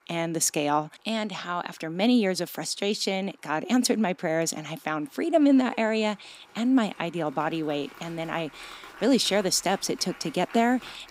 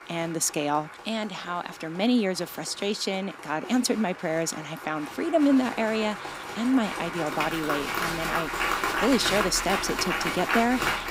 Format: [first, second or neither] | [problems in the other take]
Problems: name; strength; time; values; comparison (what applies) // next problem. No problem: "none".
first | crowd noise; loud; throughout; 3 dB below the speech; faint in the first